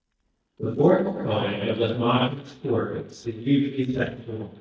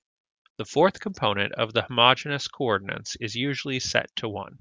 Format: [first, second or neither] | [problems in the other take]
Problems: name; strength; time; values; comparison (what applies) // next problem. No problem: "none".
second | noise reduction (neural mask model DeepFilterNet 3)